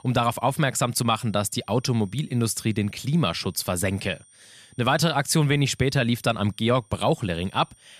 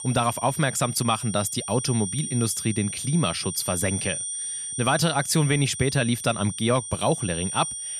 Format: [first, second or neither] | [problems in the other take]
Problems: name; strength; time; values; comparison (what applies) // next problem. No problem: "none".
first | high-pitched whine; loud; throughout; 9 kHz, 6 dB below the speech; faint in the first